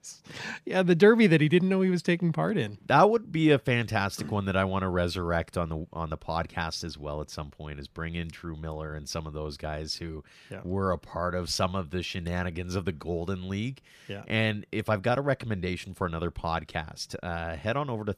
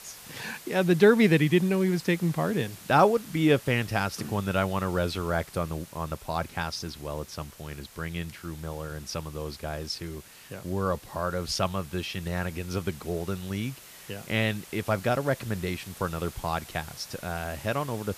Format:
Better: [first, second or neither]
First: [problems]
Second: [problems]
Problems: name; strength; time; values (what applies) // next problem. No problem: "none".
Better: first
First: none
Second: hiss; noticeable; throughout; 20 dB below the speech